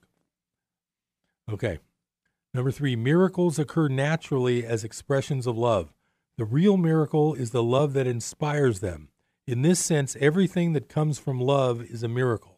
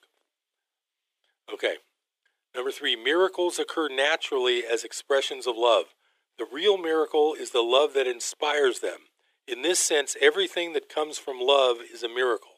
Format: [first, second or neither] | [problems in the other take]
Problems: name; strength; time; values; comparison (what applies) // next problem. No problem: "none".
first | thin; very; fading below 350 Hz